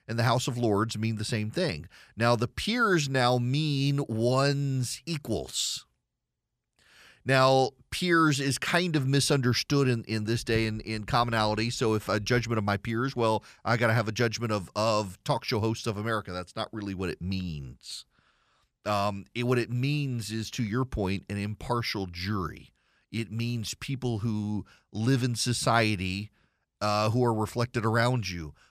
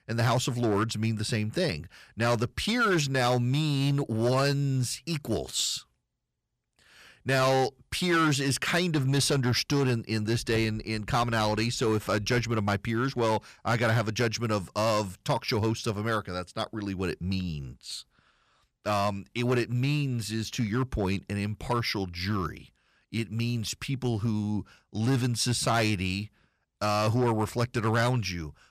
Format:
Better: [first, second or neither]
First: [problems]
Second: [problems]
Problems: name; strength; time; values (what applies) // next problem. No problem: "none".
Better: first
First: none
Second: distortion; slight; 6% of the sound clipped